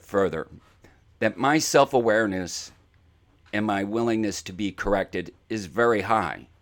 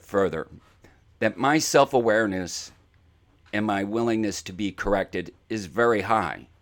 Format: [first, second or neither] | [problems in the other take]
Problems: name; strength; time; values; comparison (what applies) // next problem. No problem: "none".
neither | none